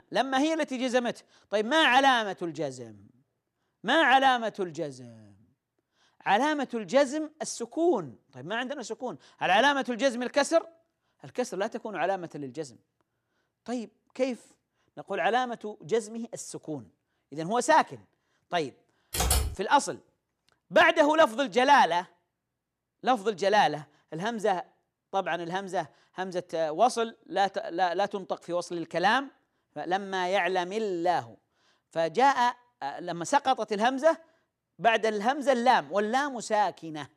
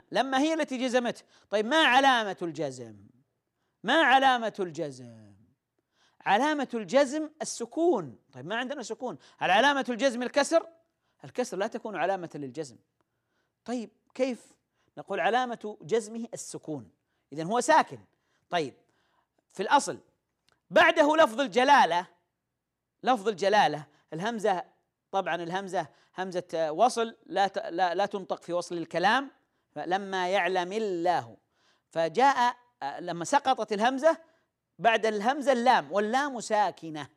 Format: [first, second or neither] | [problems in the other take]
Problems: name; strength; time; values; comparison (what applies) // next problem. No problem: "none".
second | keyboard typing; loud; at 19 s; peak 1 dB above the speech